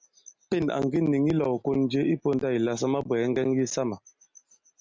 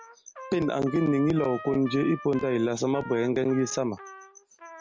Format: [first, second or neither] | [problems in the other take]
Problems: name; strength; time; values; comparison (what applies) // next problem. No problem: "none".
first | background sound (Trumpet); 16 dB below the speech